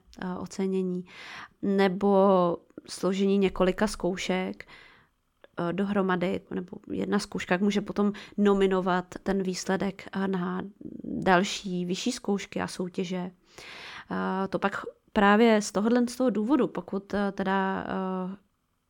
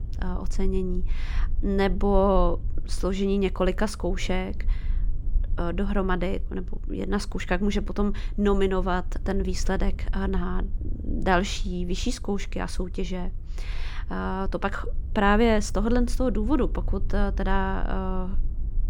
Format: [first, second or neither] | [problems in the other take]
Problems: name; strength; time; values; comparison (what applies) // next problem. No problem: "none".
first | low rumble; faint; throughout; 25 dB below the speech